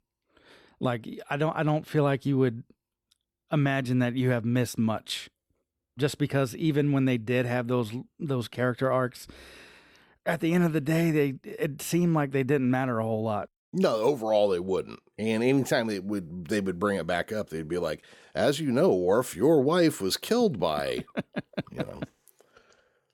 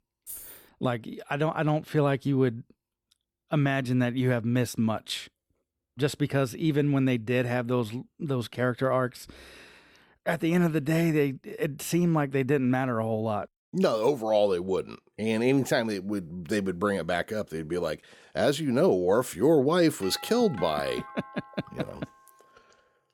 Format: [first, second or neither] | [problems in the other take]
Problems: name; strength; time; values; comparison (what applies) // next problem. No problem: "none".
first | jangling keys; faint; at 0.5 s; peak 15 dB below the speech // doorbell; faint; from 20 to 22 s; peak 15 dB below the speech